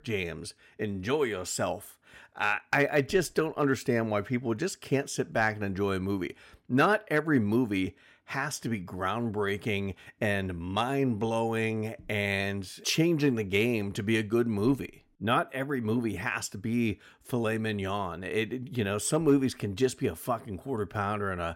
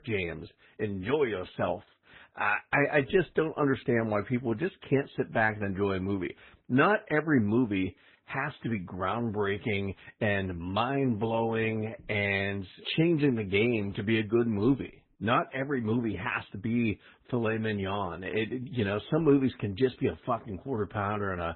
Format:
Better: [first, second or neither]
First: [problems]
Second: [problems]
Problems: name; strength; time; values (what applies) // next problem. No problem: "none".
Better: first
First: none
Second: garbled, watery; badly; nothing above 4 kHz